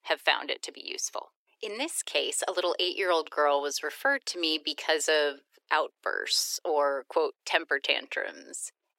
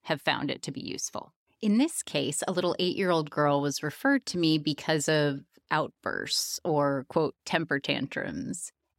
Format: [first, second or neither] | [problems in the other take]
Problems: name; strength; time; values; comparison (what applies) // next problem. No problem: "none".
second | thin; very; fading below 400 Hz